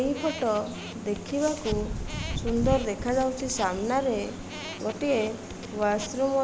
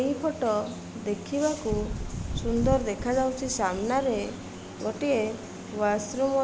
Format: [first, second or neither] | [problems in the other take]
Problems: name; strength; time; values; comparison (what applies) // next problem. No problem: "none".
second | background sound (Squeak); 15 dB below the speech